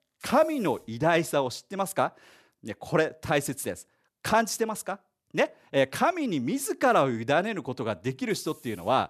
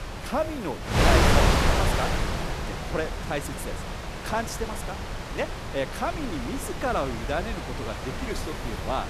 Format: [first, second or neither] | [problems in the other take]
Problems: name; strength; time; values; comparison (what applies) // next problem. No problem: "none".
first | wind noise on the microphone; heavy; 2 dB above the speech